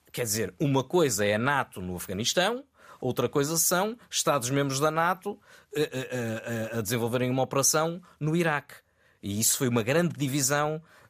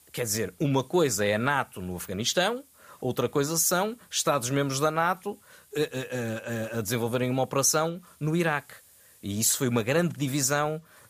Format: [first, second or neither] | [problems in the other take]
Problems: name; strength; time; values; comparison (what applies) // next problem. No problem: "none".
first | hiss; faint; throughout; 30 dB below the speech